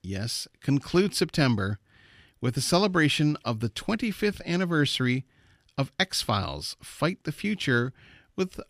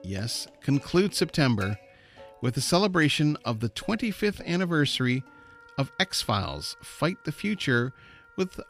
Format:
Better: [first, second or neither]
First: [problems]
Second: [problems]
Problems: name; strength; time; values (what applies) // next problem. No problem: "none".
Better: first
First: none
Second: background music; faint; throughout; 25 dB below the speech